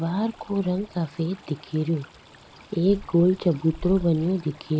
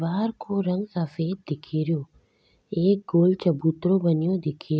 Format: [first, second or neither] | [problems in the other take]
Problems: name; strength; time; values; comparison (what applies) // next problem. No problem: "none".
second | background sound (Stream); 18 dB below the speech